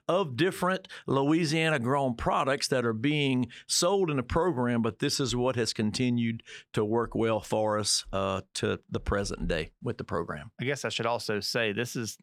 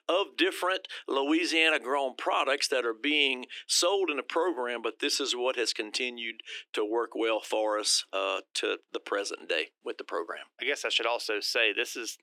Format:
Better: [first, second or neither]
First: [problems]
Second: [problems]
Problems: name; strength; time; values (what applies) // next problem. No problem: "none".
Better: first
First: none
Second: thin; somewhat; fading below 300 Hz